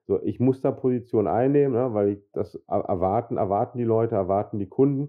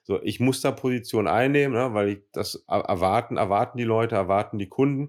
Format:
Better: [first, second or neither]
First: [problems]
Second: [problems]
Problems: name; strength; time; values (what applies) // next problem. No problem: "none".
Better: second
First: muffled; very; fading above 2 kHz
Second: none